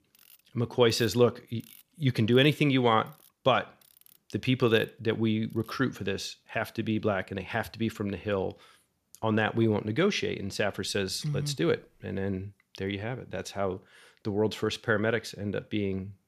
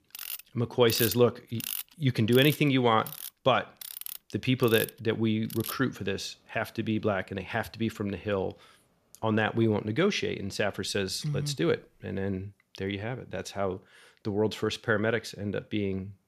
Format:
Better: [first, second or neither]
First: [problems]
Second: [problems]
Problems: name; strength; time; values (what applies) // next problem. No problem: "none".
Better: first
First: machinery noise; faint; throughout; 25 dB below the speech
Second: machinery noise; loud; throughout; 8 dB below the speech